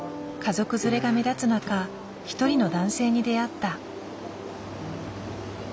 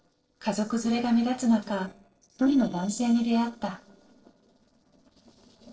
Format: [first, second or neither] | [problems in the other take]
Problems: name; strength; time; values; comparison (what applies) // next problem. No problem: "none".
first | noise reduction (neural separator model SepFormer DNS4)